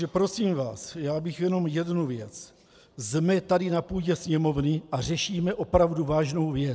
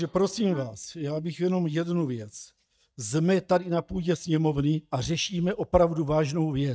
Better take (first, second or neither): first